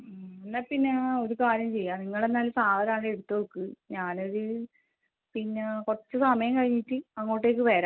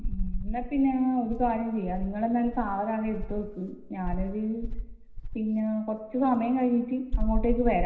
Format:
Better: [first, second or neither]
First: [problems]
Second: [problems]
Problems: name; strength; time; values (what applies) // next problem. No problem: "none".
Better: first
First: none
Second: background sound (Insect); 4 dB below the speech // room echo; dies away in 0.9 s